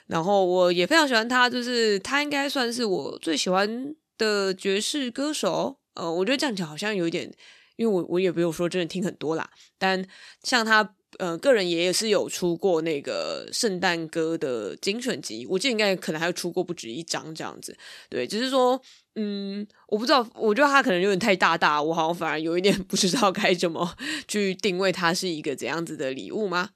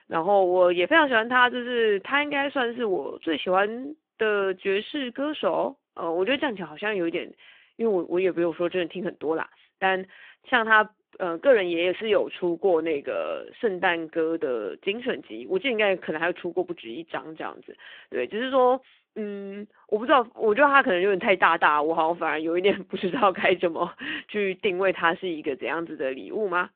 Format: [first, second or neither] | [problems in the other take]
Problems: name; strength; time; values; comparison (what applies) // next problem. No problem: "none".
first | phone-call audio